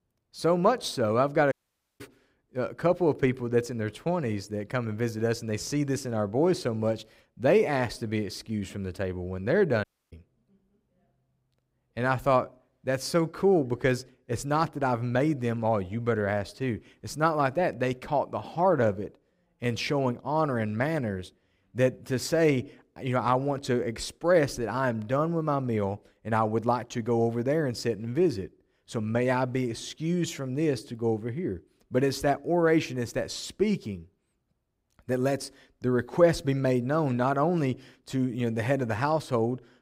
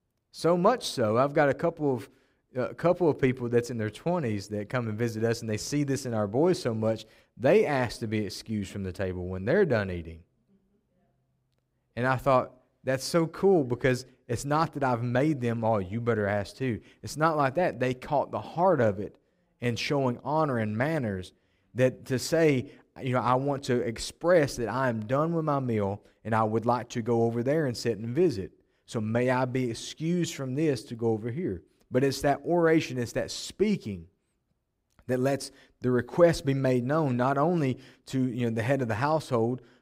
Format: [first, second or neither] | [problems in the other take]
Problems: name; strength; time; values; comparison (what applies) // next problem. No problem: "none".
second | audio cutting out; at 1.5 s and at 10 s